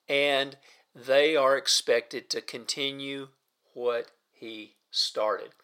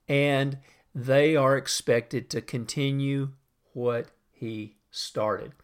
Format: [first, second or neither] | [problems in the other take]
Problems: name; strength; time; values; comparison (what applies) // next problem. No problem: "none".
second | thin; somewhat; fading below 500 Hz